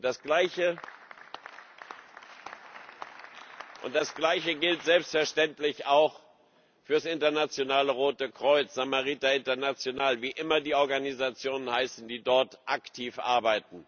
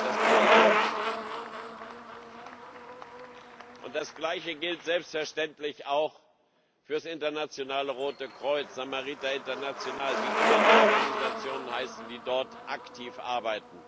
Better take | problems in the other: first | background sound (Bicycle); 4 dB above the speech

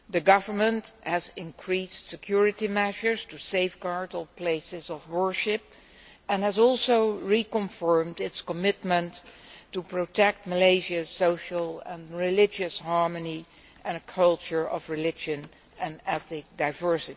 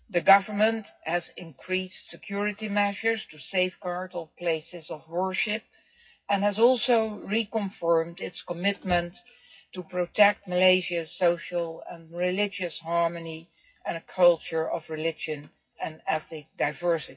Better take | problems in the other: first | noise reduction (classical method WPE with log-MMSE)

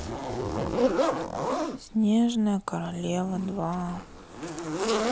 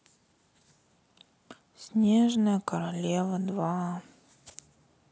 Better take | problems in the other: second | background sound (Zipper (clothing)); 1 dB below the speech

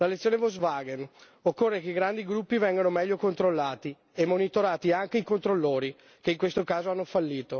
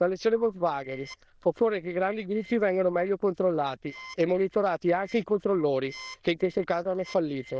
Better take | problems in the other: first | noise reduction (neural diffusion model UNIVERSE++)

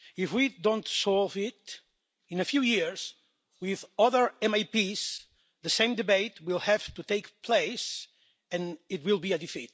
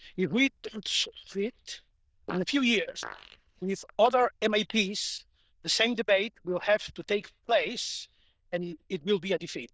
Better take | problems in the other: first | noise reduction (neural diffusion model UNIVERSE++)

